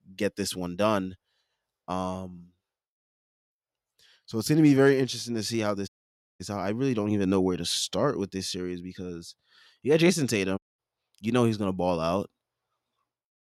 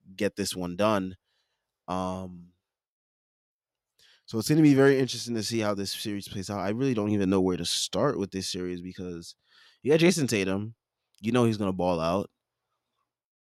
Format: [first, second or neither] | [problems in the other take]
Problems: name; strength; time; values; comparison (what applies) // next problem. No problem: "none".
second | audio cutting out; at 6 s for 0.5 s and at 11 s